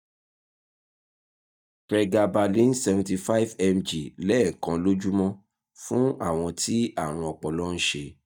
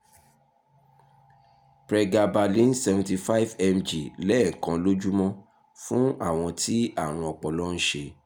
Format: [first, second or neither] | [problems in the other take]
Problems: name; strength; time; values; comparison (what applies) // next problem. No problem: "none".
second | noise reduction (neural mask model DeepFilterNet 3)